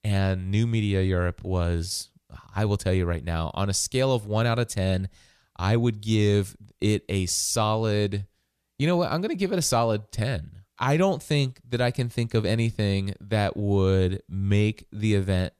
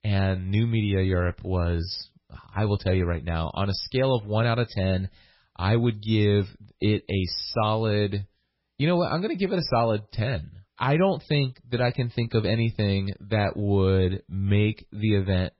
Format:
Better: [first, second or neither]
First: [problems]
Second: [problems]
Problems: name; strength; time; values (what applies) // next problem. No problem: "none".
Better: first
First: none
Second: garbled, watery; badly; nothing above 5.5 kHz